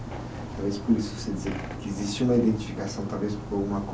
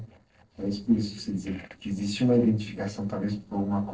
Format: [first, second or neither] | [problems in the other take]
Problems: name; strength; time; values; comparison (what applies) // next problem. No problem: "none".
first | noise reduction (neural separator model SepFormer DNS4)